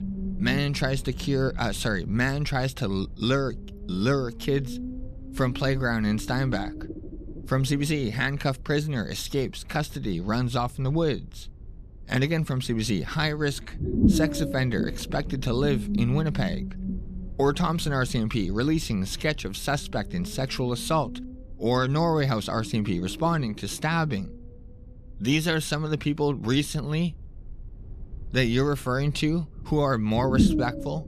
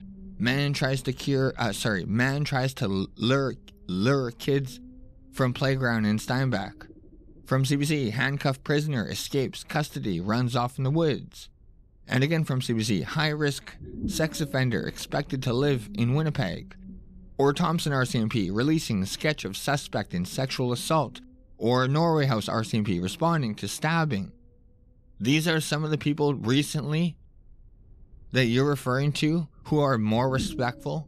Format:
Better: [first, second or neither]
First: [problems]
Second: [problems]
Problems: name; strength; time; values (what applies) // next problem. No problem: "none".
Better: second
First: low rumble; loud; throughout; 10 dB below the speech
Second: low rumble; faint; throughout; 25 dB below the speech